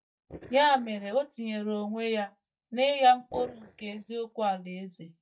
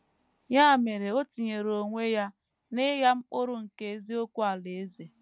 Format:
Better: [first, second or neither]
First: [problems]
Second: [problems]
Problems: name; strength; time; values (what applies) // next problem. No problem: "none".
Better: second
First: noise reduction (neural mask model DeepFilterNet 3)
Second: none